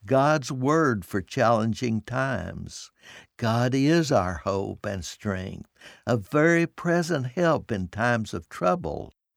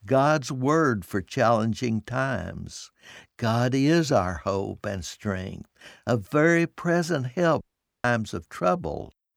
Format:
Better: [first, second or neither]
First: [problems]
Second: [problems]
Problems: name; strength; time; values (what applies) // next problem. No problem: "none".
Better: first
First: none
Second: audio cutting out; at 7.5 s